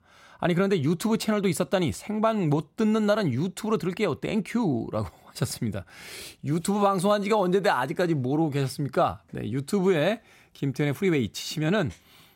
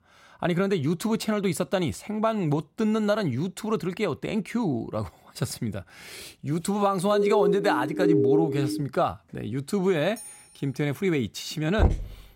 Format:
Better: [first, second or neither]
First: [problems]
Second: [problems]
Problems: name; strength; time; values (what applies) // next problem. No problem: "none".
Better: first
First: none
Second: siren; loud; from 7 to 9 s; peak 5 dB above the speech // clattering dishes; faint; at 10 s; peak 15 dB below the speech // door banging; loud; at 12 s; peak 1 dB above the speech